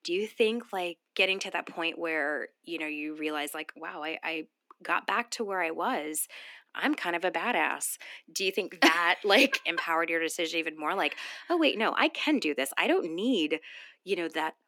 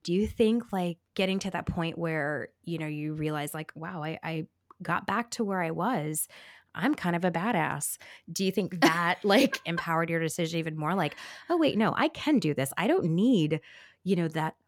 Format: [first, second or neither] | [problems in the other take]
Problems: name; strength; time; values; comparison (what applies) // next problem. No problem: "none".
second | thin; somewhat; fading below 250 Hz